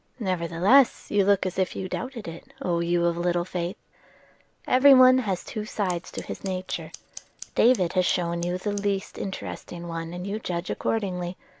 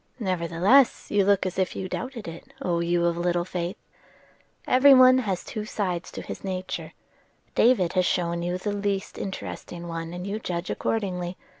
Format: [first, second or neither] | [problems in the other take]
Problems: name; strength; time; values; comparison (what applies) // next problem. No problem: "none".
second | background sound (Scissors); 19 dB below the speech